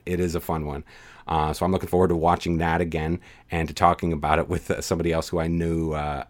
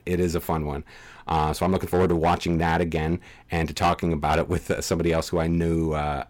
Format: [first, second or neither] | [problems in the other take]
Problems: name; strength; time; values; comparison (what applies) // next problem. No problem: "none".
first | distortion; slight; 6% of the sound clipped